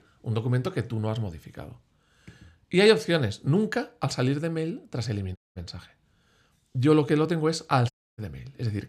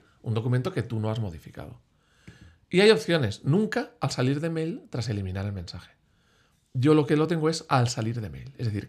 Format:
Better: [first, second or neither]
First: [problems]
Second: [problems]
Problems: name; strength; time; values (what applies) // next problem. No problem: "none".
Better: second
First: audio cutting out; at 5.5 s and at 8 s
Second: none